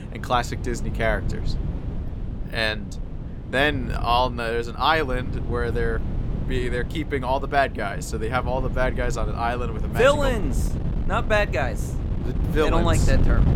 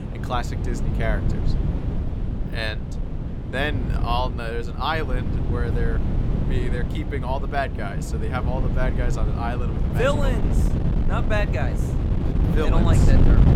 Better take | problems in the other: first | wind noise on the microphone; heavy; 6 dB below the speech; occasional gusts in the first

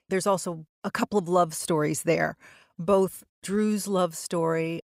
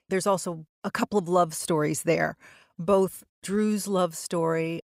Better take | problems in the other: neither | none

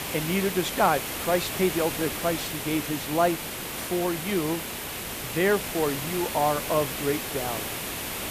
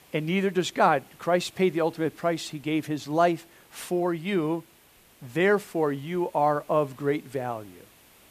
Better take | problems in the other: second | hiss; loud; throughout; 4 dB below the speech; faint in the second

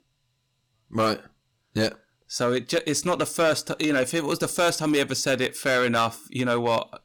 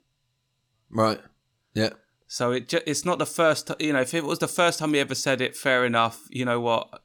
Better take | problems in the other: second | distortion; slight; 5% of the sound clipped

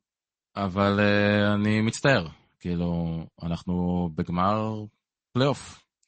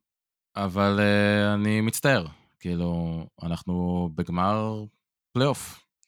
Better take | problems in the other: second | garbled, watery; slightly; nothing above 8 kHz

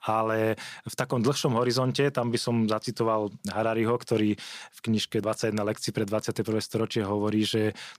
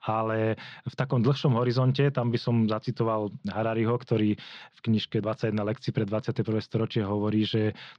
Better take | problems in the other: first | muffled; very slightly; fading above 4 kHz

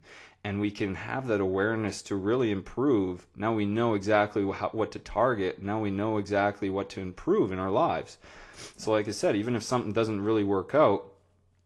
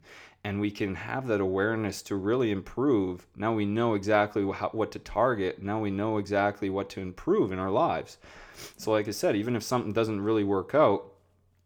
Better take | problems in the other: second | garbled, watery; slightly

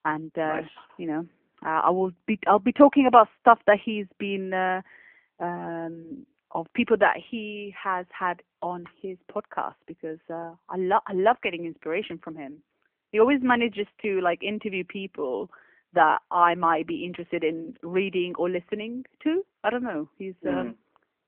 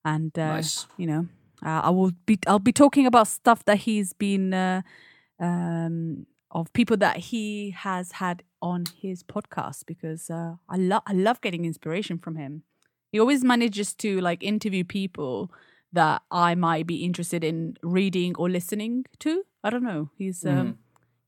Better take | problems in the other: second | phone-call audio; nothing above 3 kHz

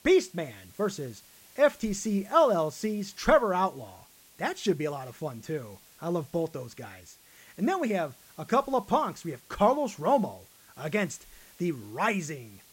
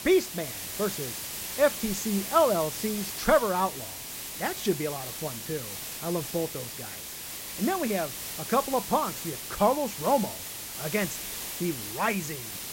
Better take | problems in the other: first | hiss; loud; throughout; 6 dB below the speech; faint in the first

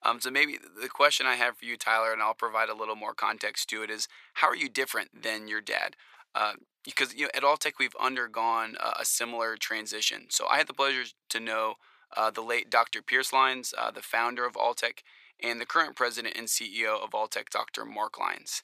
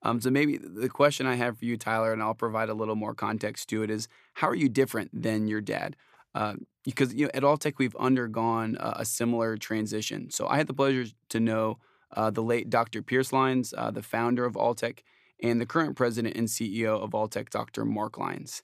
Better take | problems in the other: second | thin; very; fading below 800 Hz

